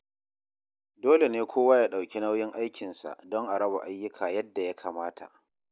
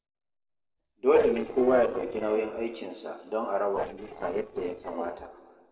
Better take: first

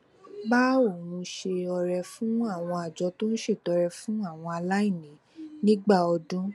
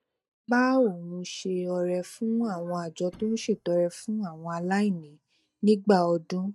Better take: first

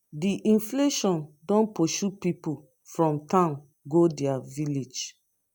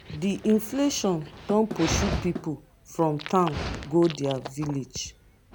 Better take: first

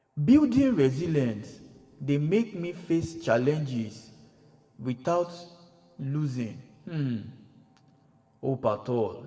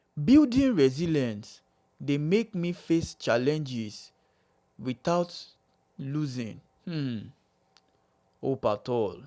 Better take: second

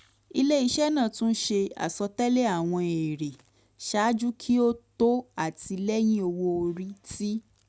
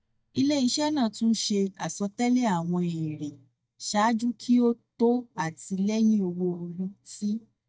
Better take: first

